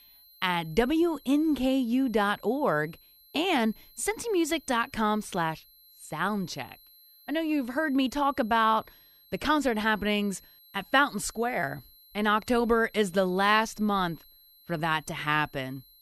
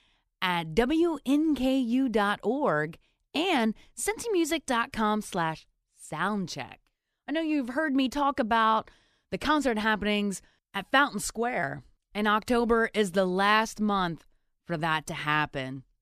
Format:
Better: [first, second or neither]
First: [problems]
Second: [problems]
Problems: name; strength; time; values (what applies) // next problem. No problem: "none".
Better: second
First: high-pitched whine; faint; throughout; 4 kHz, 25 dB below the speech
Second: none